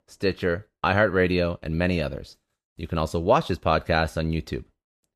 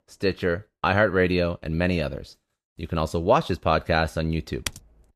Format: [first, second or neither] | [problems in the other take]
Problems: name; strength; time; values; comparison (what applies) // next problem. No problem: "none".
first | keyboard typing; noticeable; at 4.5 s; peak 9 dB below the speech